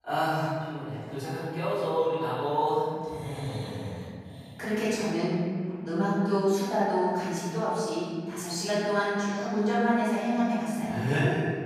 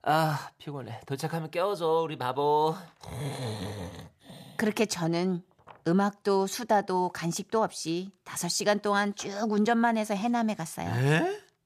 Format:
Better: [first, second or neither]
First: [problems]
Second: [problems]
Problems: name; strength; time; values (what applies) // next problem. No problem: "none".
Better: second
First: off-mic speech; far // room echo; strong; dies away in 1.9 s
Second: none